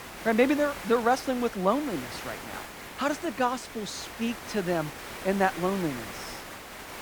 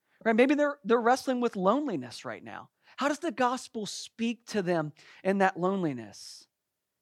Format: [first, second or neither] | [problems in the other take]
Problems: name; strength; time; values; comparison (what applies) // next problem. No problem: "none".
second | hiss; noticeable; throughout; 10 dB below the speech